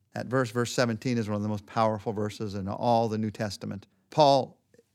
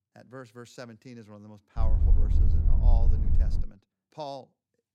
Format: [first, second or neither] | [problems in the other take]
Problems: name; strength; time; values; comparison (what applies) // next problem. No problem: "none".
first | low rumble; very faint; from 2 to 3.5 s; 2 dB below the speech